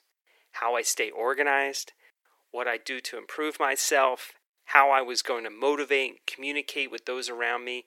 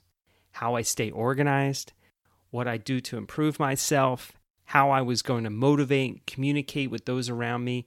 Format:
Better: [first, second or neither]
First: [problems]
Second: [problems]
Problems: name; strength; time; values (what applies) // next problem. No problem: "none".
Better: second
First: thin; very; fading below 400 Hz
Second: none